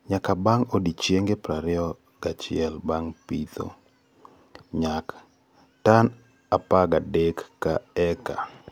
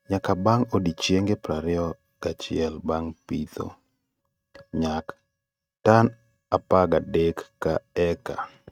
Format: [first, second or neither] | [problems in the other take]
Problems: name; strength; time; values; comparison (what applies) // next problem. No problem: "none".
first | noise reduction (neural mask model RNNoise)